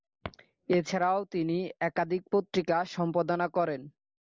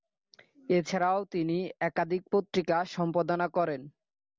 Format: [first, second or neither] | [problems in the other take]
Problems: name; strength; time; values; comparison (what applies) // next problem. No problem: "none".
second | noise reduction (neural mask model Resemble Enhance denoiser)